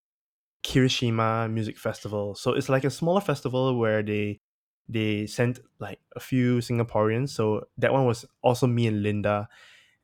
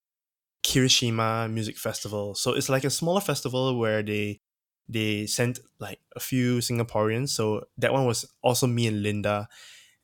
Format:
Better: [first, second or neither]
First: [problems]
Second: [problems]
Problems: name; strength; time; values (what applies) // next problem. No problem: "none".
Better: second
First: muffled; slightly; fading above 3.5 kHz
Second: none